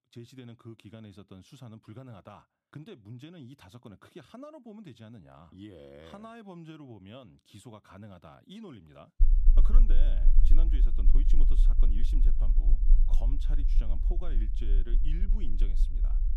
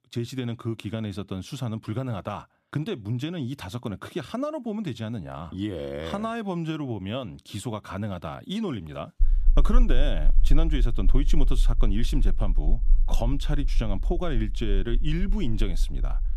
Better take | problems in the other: second | low rumble; loud; from 9 s on; 5 dB below the speech; faint in the second

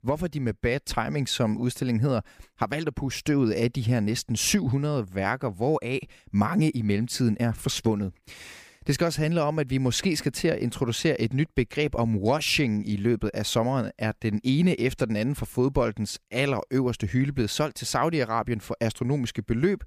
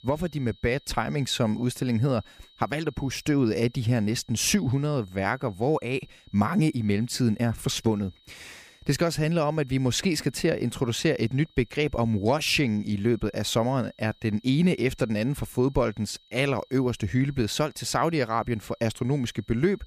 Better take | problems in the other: first | high-pitched whine; faint; throughout; 4 kHz, 30 dB below the speech

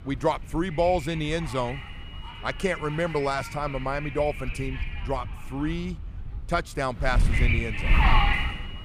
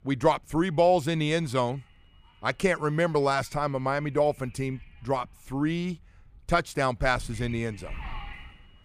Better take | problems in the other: second | wind noise on the microphone; heavy; 2 dB below the speech; occasional gusts in the second

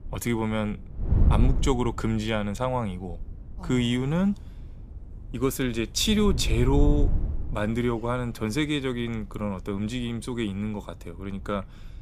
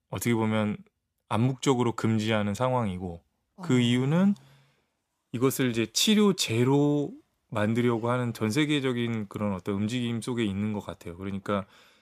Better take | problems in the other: second | wind noise on the microphone; occasional gusts; 15 dB below the speech

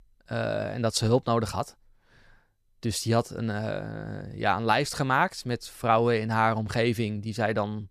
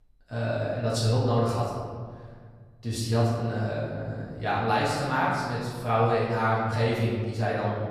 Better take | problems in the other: first | room echo; noticeable; dies away in 1.7 s // off-mic speech; far

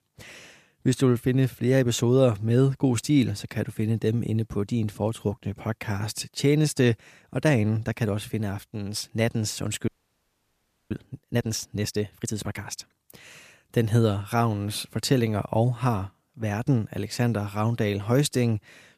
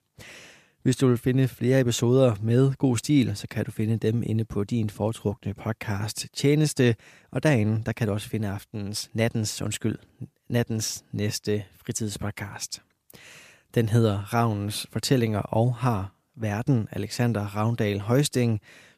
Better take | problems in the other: second | audio freezing; at 10 s for 1 s

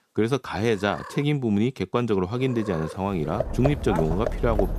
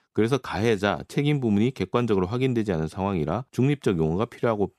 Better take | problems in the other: second | animal sounds; loud; throughout; 7 dB below the speech

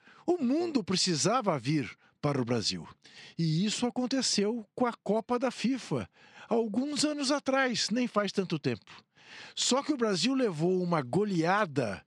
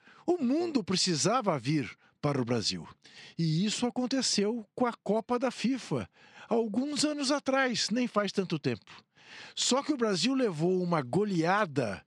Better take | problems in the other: neither | none

